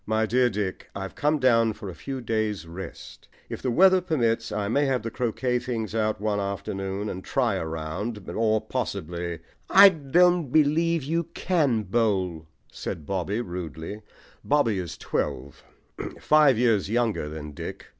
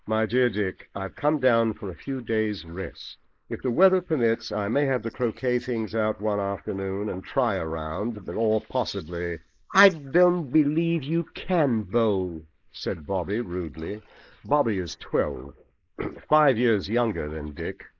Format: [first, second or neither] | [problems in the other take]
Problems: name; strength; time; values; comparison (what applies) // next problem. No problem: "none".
first | noise reduction (neural mask model Resemble Enhance denoiser)